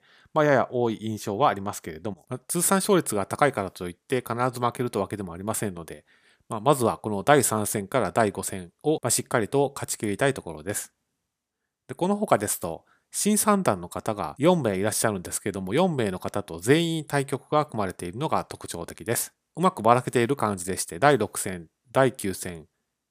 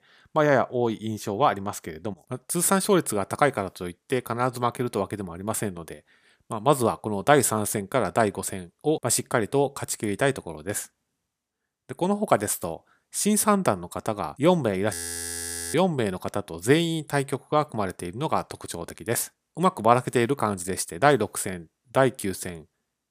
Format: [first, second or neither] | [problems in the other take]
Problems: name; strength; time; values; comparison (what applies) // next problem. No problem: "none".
first | audio freezing; at 15 s for 1 s